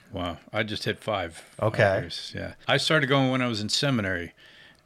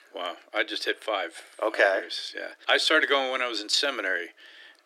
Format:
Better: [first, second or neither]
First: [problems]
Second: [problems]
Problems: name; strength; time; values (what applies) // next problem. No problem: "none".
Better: first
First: none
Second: thin; very; fading below 300 Hz